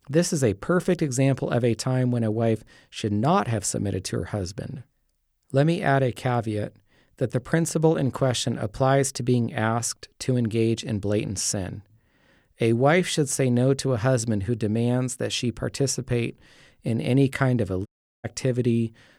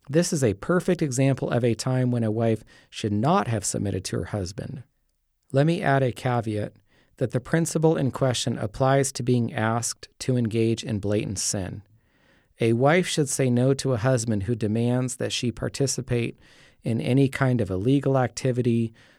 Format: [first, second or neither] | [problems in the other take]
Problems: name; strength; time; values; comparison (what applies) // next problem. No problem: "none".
second | audio cutting out; at 18 s